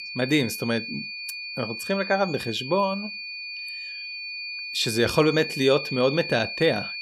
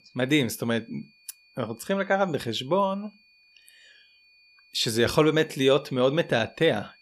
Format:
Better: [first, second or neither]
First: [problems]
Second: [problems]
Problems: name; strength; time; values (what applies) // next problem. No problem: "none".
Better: second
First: high-pitched whine; loud; throughout; 2.5 kHz, 8 dB below the speech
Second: high-pitched whine; faint; throughout; 2.5 kHz, 30 dB below the speech